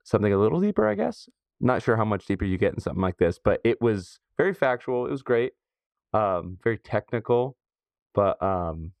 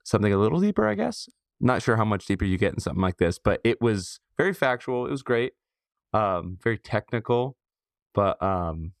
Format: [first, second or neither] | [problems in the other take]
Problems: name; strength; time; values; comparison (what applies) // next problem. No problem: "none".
second | muffled; slightly; fading above 4 kHz